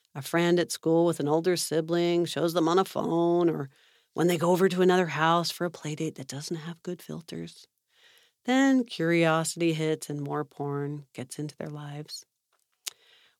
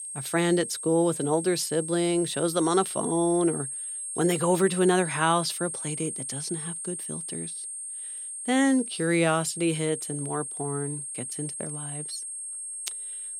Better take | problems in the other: first | high-pitched whine; loud; throughout; 8.5 kHz, 6 dB below the speech

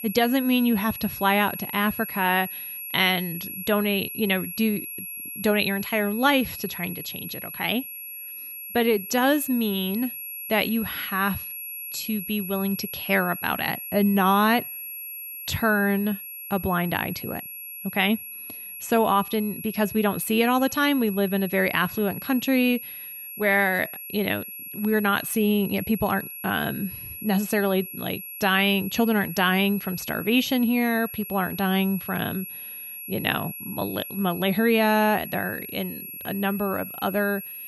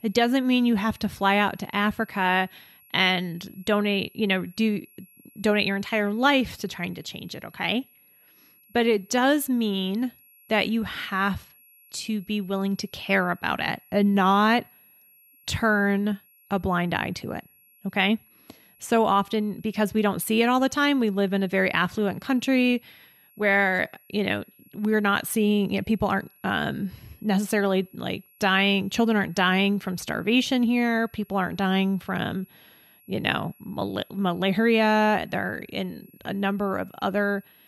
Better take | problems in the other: second | high-pitched whine; loud; throughout; 11.5 kHz, 9 dB below the speech; faint in the second

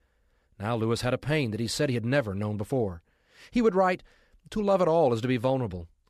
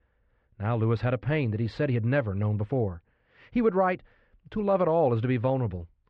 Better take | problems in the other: first | muffled; very; fading above 2.5 kHz

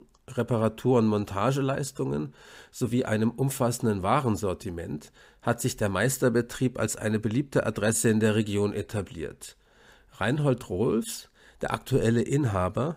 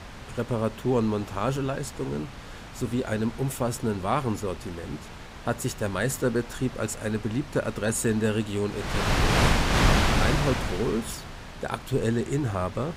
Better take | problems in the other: first | wind noise on the microphone; heavy; 5 dB above the speech

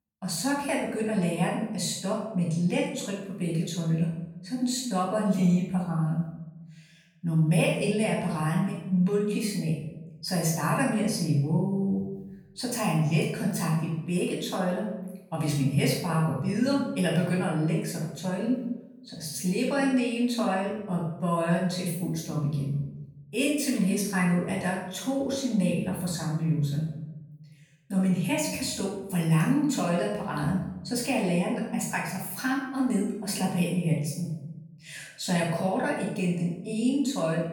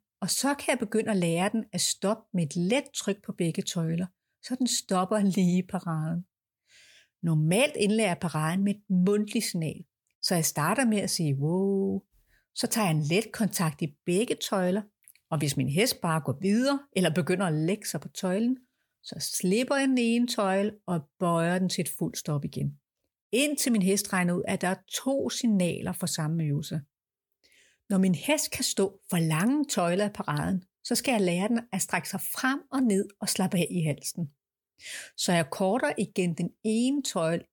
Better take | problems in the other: second | room echo; noticeable; dies away in 0.9 s // off-mic speech; far

